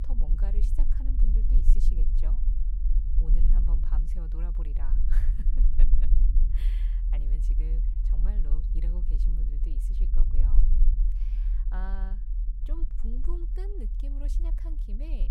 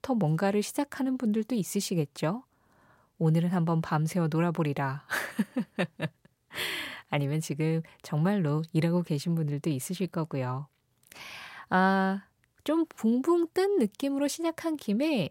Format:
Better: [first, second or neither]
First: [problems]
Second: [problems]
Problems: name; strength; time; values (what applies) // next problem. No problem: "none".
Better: second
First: low rumble; loud; throughout; 2 dB below the speech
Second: none